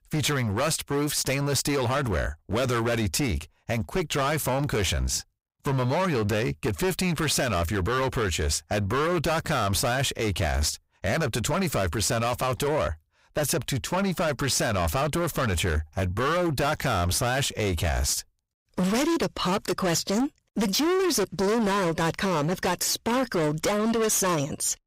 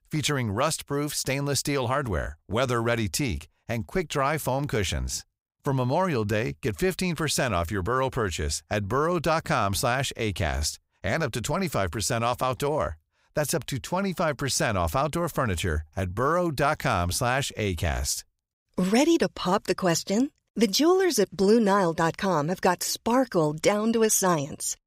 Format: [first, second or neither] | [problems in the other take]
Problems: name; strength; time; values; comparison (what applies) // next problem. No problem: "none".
second | distortion; heavy; 24% of the sound clipped